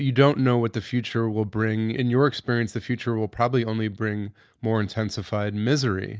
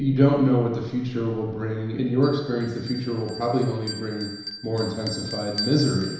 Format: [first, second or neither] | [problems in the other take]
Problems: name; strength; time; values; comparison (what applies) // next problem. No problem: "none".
first | background sound (Bell); 14 dB below the speech // room echo; dies away in 1 s